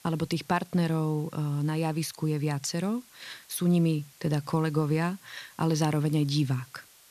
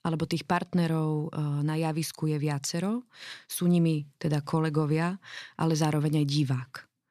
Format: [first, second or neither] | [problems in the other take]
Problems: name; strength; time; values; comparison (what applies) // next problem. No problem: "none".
second | hiss; faint; throughout; 25 dB below the speech